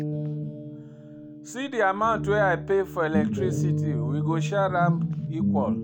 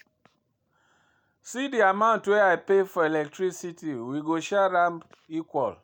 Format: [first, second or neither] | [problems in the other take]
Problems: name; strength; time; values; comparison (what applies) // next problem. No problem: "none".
second | background sound (Guitar); as loud as the speech